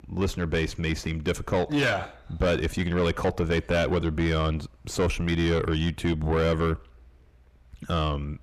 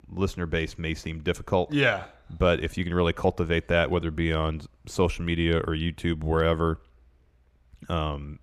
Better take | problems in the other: second | distortion; heavy; 7 dB below the speech

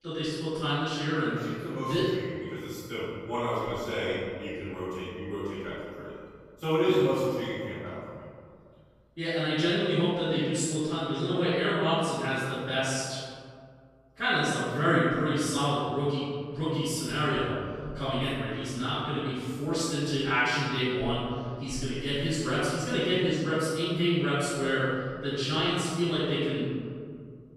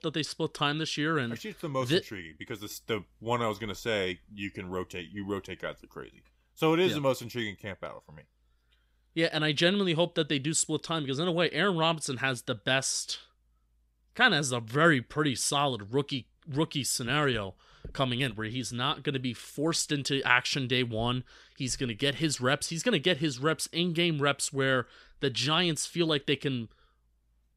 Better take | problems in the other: second | off-mic speech; far // room echo; strong; dies away in 2 s

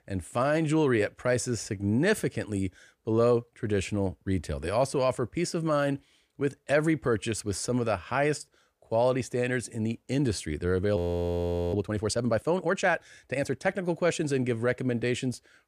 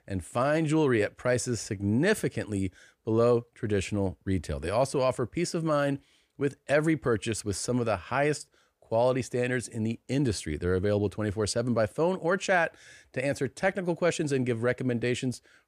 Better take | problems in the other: second | audio freezing; at 11 s for 1 s

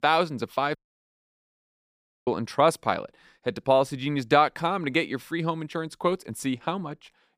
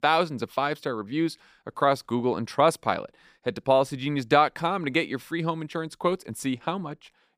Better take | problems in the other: second | audio cutting out; at 1 s for 1.5 s

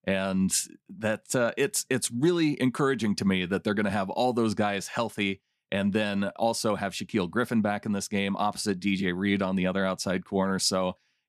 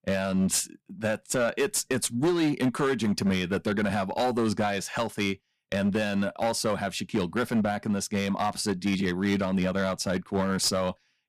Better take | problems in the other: first | distortion; slight; 8% of the sound clipped

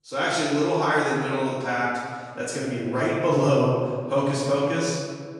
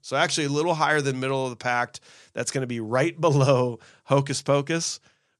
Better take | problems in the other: second | off-mic speech; far // room echo; strong; dies away in 1.7 s

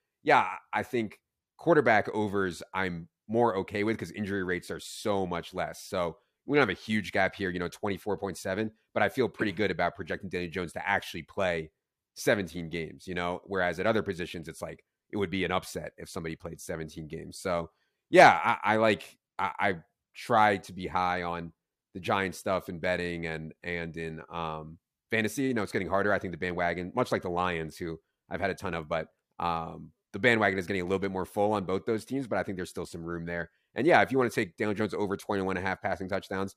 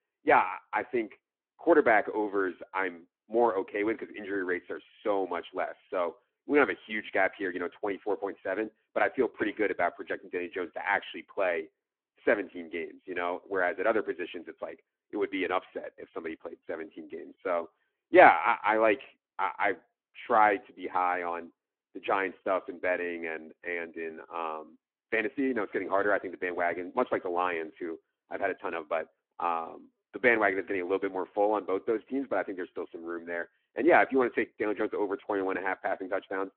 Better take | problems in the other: first | phone-call audio

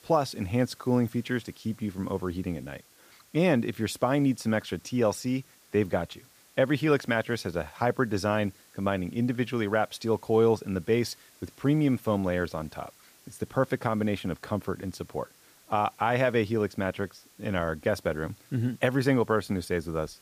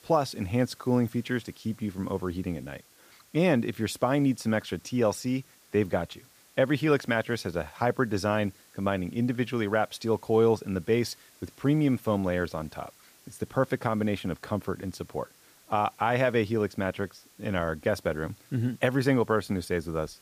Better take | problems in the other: neither | hiss; faint; throughout; 25 dB below the speech; the same in both

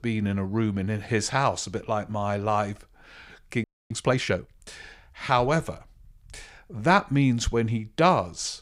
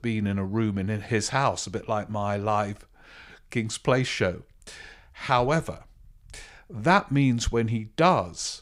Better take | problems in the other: second | audio freezing; at 3.5 s

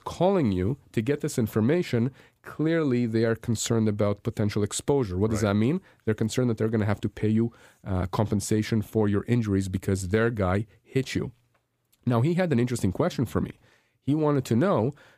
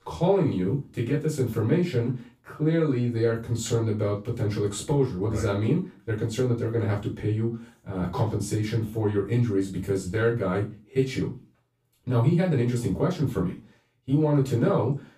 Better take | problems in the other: first | off-mic speech; far // room echo; slight; dies away in 0.3 s

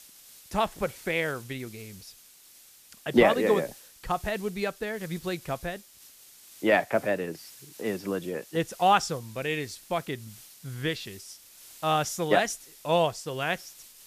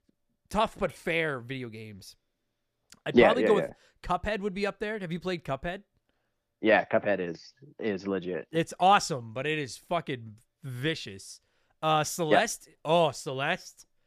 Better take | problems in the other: second | hiss; faint; throughout; 20 dB below the speech

